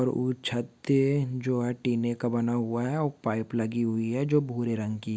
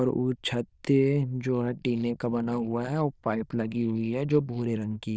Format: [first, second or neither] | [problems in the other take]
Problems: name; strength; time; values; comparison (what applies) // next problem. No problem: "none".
first | noise reduction (neural diffusion model UNIVERSE++)